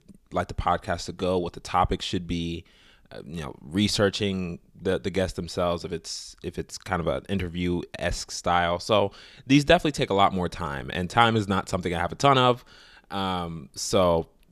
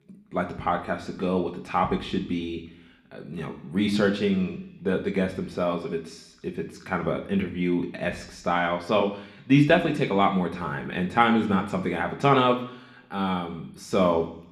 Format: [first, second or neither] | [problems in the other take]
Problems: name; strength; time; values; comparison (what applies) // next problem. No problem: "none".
first | room echo; slight; dies away in 0.8 s // off-mic speech; somewhat distant